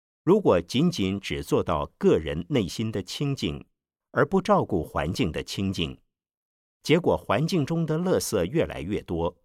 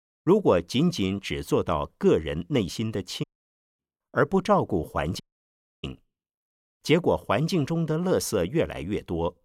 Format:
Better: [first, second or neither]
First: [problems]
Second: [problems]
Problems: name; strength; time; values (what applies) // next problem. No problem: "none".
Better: first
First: none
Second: audio cutting out; at 3 s for 0.5 s and at 5 s for 0.5 s